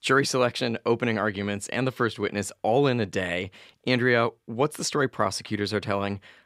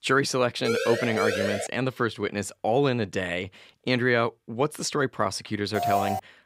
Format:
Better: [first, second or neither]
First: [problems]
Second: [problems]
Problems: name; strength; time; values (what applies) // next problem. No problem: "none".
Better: first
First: none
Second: siren; loud; from 0.5 to 1.5 s; peak level with the speech // alarm; loud; at 6 s; peak level with the speech